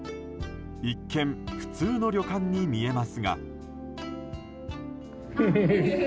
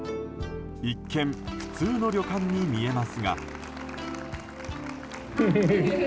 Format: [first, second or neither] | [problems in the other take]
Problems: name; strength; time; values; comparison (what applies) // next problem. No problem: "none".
first | background sound (Applause); 14 dB below the speech